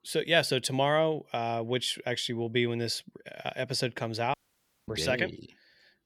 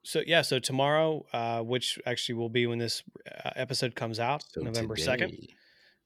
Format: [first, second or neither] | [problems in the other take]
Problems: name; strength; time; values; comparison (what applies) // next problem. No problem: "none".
second | audio cutting out; at 4.5 s for 0.5 s